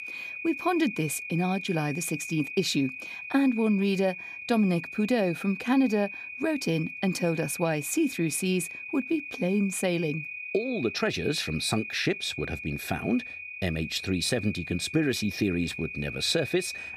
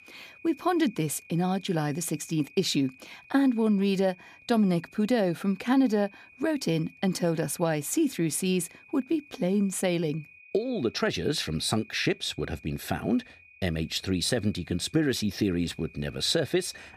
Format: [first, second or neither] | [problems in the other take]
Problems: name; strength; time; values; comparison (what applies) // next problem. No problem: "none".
second | high-pitched whine; loud; throughout; 2.5 kHz, 8 dB below the speech; faint in the second